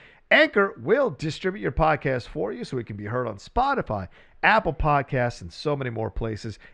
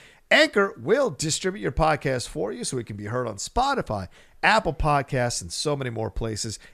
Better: second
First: muffled; slightly; fading above 2.5 kHz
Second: none

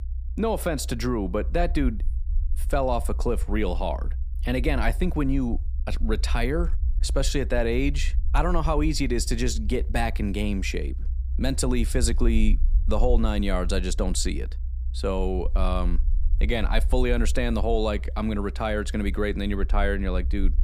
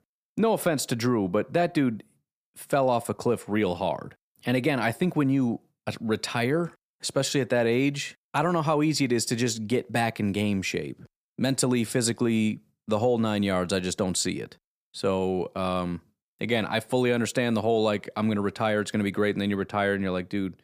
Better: second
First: low rumble; faint; throughout; 20 dB below the speech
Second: none

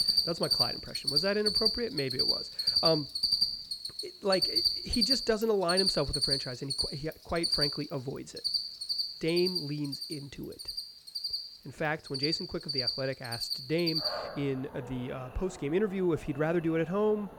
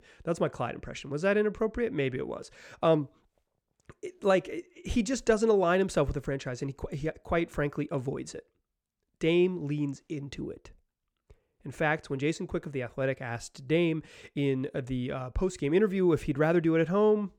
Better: second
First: animal sounds; very loud; throughout; 3 dB above the speech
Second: none

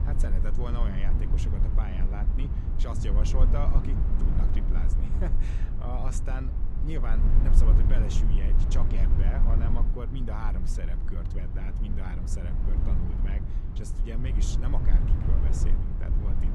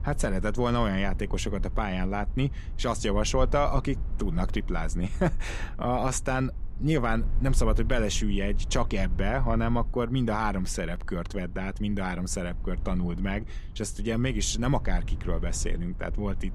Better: second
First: low rumble; loud; throughout; 2 dB below the speech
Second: low rumble; faint; throughout; 20 dB below the speech

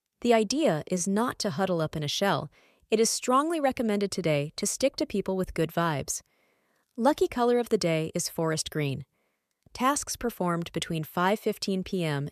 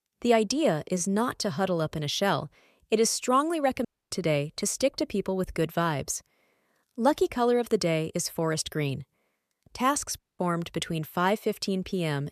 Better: first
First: none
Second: audio cutting out; at 4 s and at 10 s

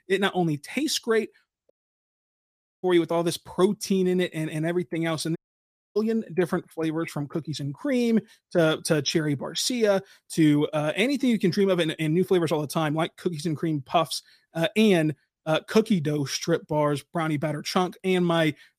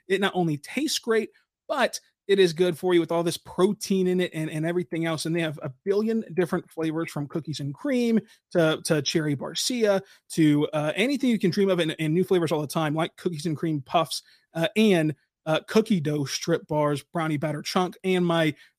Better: second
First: audio cutting out; at 1.5 s for 1 s and at 5.5 s for 0.5 s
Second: none

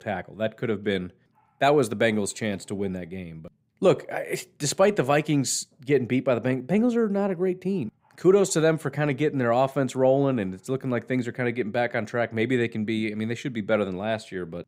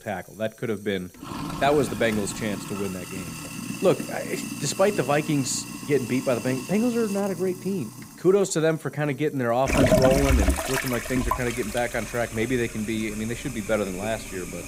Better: first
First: none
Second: household noises; loud; throughout; 4 dB below the speech

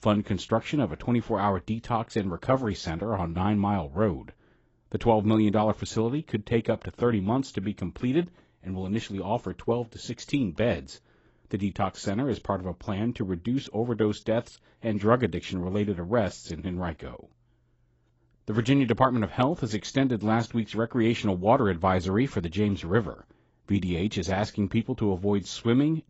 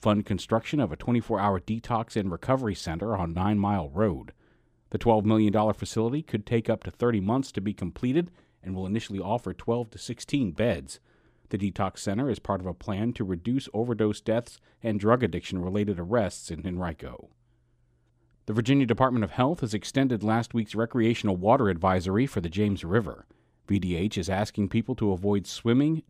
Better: second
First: garbled, watery; badly; nothing above 7.5 kHz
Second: none

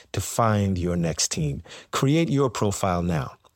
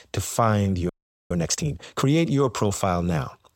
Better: first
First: none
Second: audio freezing; at 1 s

